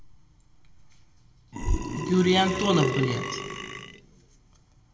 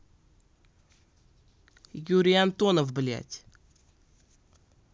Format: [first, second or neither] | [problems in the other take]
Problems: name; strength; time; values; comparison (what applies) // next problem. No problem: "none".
second | background sound (Burping, eructation); 1 dB below the speech // room echo; dies away in 2.2 s